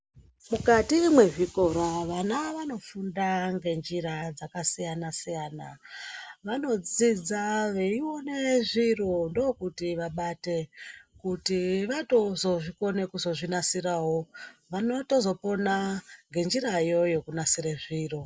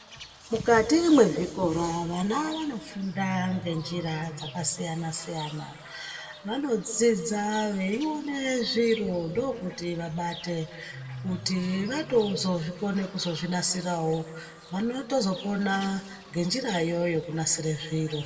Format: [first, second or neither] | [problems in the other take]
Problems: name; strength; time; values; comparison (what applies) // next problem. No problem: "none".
first | background sound (Bird / Fowl); 17 dB below the speech // room echo; dies away in 1.4 s